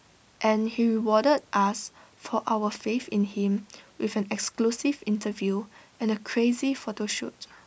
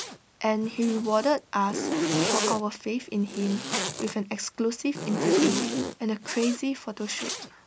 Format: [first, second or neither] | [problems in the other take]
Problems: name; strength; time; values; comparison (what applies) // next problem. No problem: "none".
first | background sound (Zipper (clothing)); 2 dB below the speech